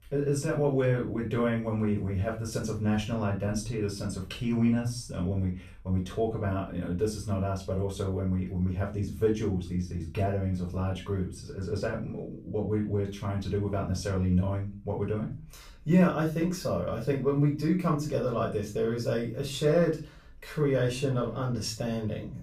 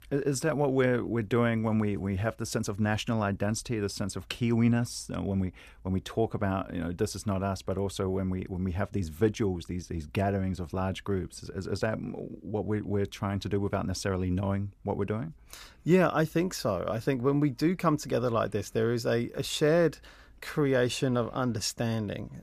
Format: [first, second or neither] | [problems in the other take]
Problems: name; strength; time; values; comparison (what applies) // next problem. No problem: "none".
second | room echo; slight; dies away in 0.3 s // off-mic speech; far